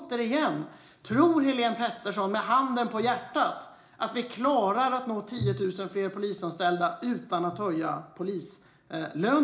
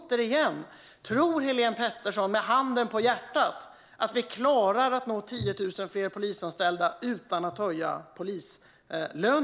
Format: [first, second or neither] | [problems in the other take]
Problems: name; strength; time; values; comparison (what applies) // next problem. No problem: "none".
second | room echo; dies away in 0.4 s